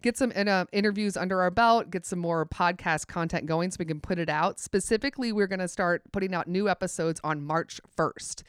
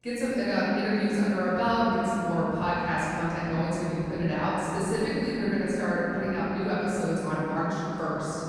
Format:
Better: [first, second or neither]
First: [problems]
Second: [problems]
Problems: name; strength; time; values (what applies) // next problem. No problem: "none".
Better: first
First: none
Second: off-mic speech; far // room echo; strong; dies away in 3 s